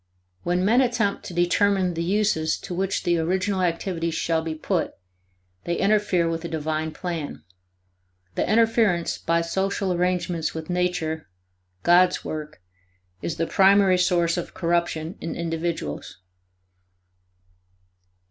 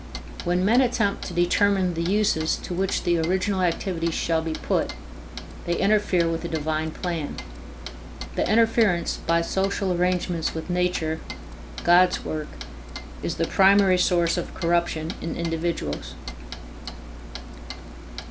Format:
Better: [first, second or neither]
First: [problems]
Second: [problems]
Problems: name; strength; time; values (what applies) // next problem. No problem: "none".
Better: first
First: none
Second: background sound (Clock); 10 dB below the speech